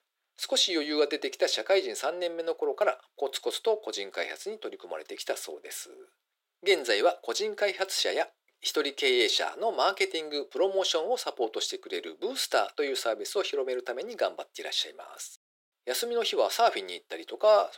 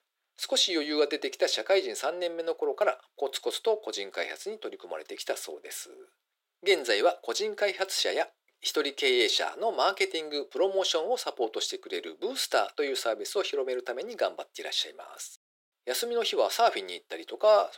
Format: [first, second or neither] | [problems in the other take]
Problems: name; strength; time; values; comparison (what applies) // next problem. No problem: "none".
neither | thin; very; fading below 350 Hz; the same in both